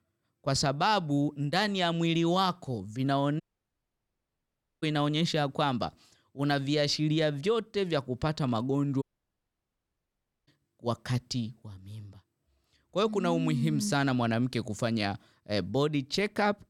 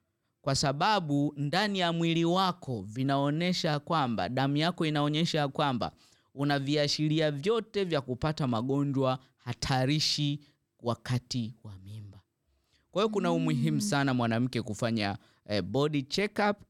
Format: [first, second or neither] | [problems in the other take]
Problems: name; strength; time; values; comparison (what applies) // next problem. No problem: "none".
second | audio cutting out; at 3.5 s for 1.5 s and at 9 s for 1.5 s